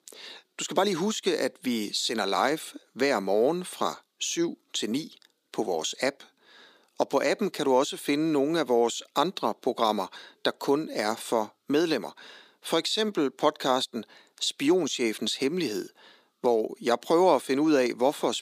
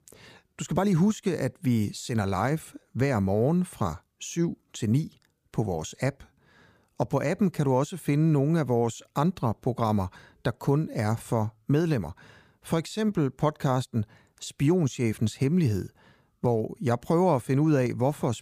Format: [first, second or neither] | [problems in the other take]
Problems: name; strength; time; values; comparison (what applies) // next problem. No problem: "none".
second | thin; somewhat; fading below 300 Hz